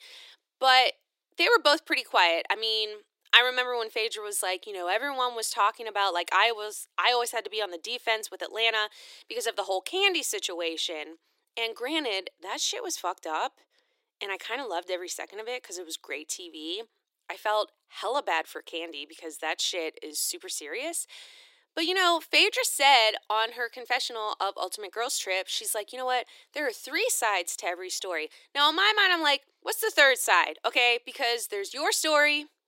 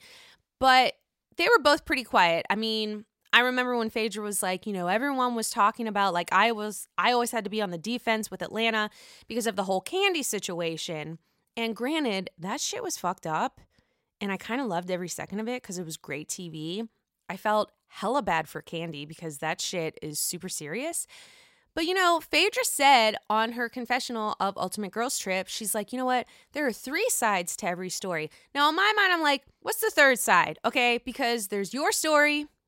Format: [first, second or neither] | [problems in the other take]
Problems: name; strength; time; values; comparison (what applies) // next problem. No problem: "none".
second | thin; very; fading below 300 Hz